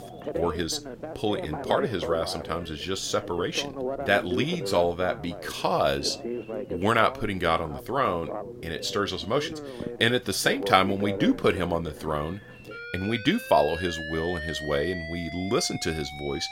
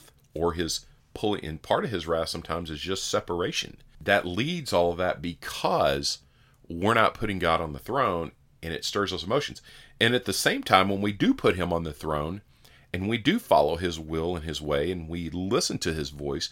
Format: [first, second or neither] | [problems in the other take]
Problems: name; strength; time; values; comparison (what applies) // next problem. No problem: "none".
second | alarms or sirens; loud; throughout; 9 dB below the speech